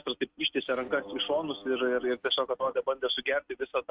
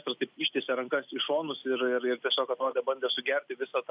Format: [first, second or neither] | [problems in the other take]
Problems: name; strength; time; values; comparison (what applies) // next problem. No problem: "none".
second | noise reduction (neural mask model RNNoise)